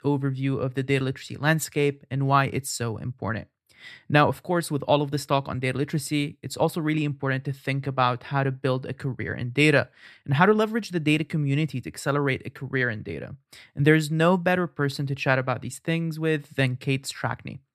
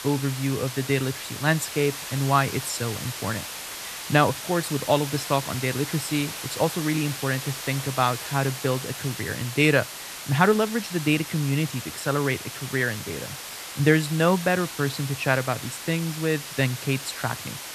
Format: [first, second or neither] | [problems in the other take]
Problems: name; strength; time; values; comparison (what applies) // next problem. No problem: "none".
first | hiss; loud; throughout; 8 dB below the speech